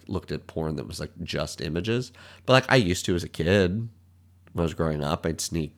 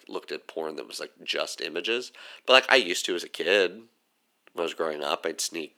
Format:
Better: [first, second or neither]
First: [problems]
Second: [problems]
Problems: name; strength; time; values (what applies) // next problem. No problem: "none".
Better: first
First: none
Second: thin; very; fading below 350 Hz